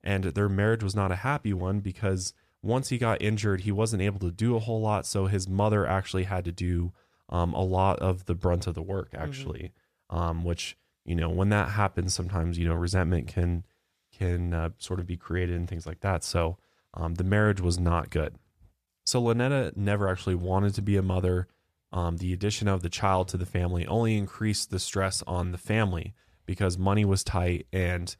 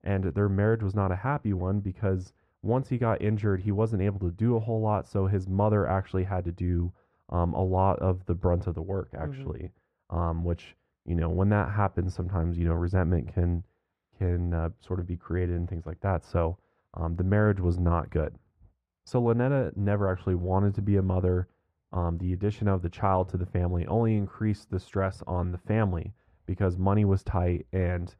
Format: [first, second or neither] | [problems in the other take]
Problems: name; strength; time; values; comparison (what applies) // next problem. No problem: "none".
first | muffled; very; fading above 2.5 kHz